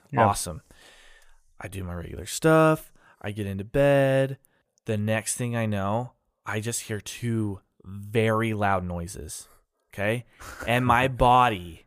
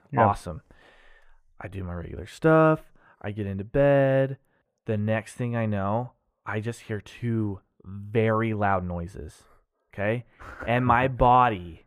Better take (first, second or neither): first